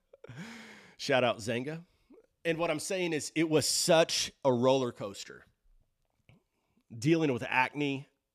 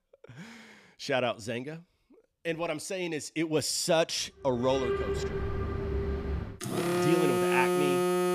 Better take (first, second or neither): first